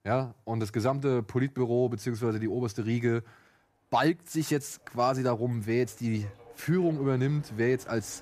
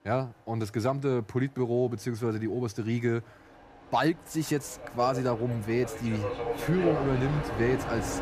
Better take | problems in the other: first | train or aircraft noise; loud; throughout; 5 dB below the speech; faint in the first

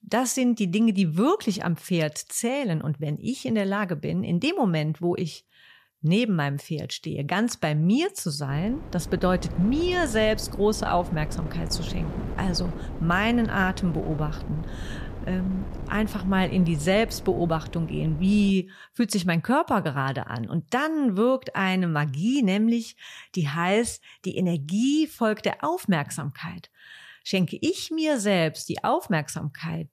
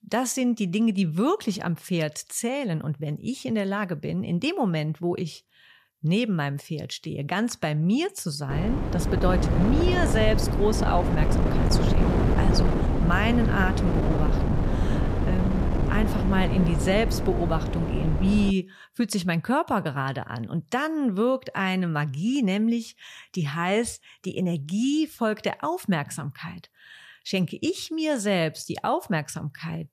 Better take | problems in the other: first | wind noise on the microphone; heavy; from 8.5 to 19 s; 3 dB below the speech; occasional gusts in the first

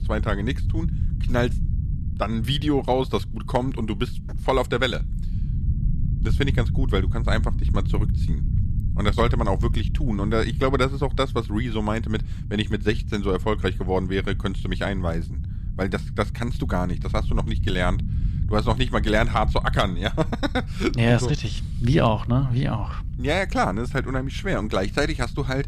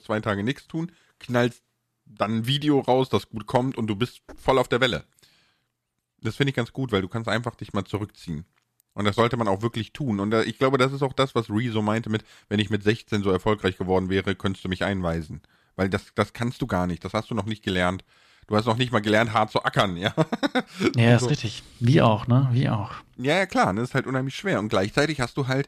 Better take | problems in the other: second | low rumble; noticeable; throughout; 15 dB below the speech

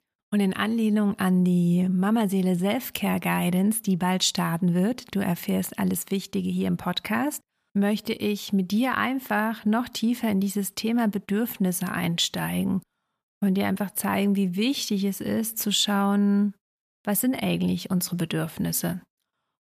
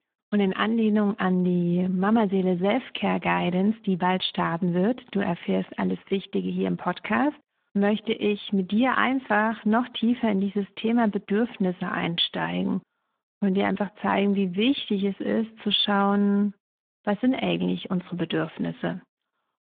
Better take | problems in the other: first | phone-call audio

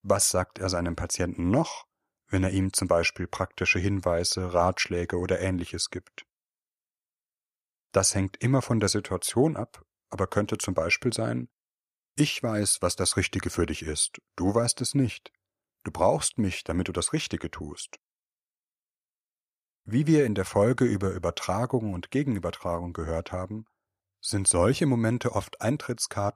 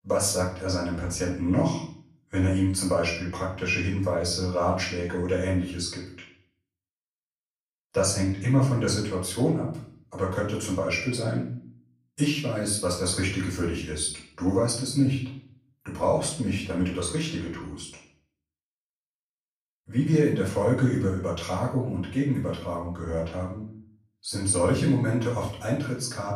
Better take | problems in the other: first | off-mic speech; far // room echo; noticeable; dies away in 0.5 s

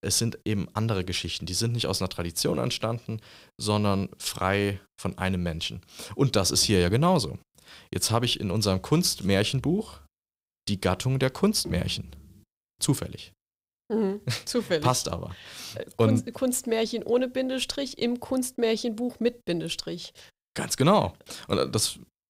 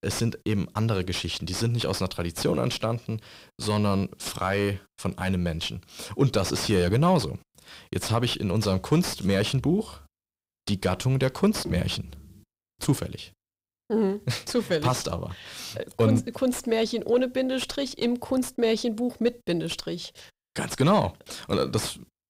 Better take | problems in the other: first | distortion; slight; 10 dB below the speech

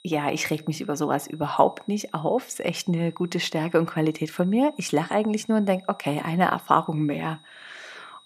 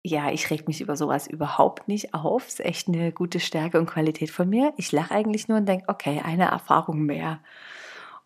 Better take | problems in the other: second | high-pitched whine; faint; throughout; 4 kHz, 30 dB below the speech

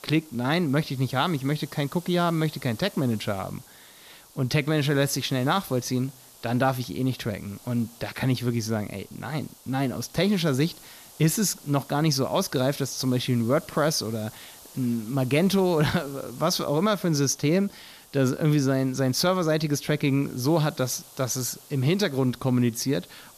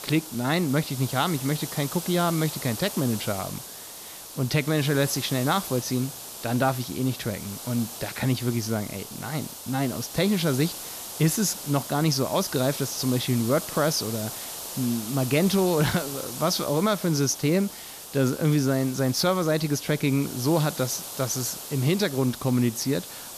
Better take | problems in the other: first | hiss; loud; throughout; 9 dB below the speech; faint in the first

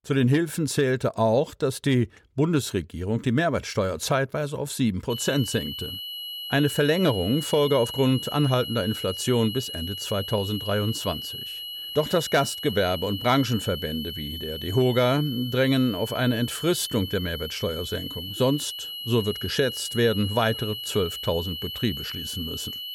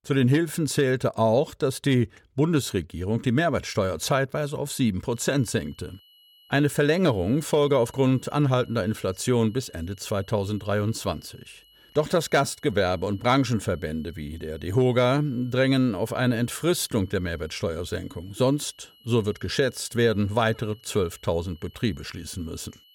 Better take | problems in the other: second | high-pitched whine; loud; from 5 s on; 3 kHz, 7 dB below the speech; faint in the second

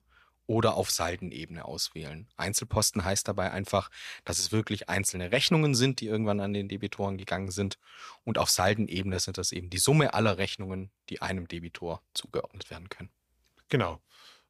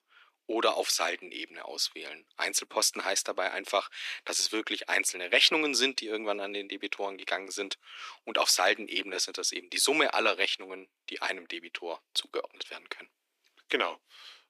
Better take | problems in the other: first | thin; very; fading below 300 Hz

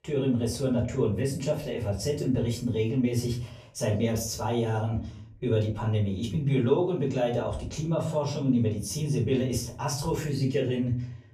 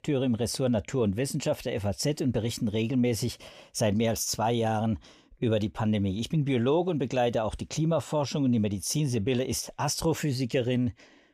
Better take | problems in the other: second | off-mic speech; far // room echo; slight; dies away in 0.4 s

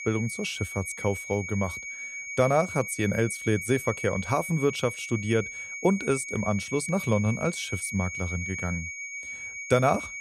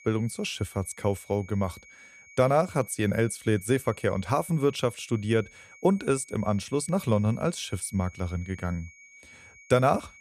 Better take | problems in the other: second | high-pitched whine; loud; throughout; 2.5 kHz, 7 dB below the speech; faint in the second

